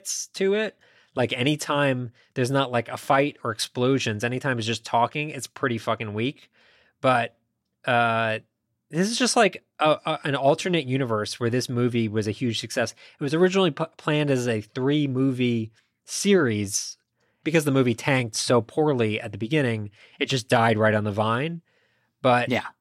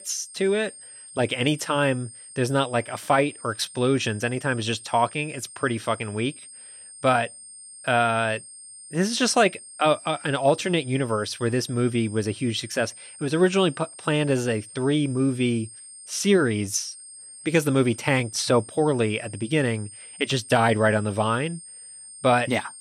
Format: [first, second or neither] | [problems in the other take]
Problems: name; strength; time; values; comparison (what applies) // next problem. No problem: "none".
first | high-pitched whine; noticeable; throughout; 8.5 kHz, 15 dB below the speech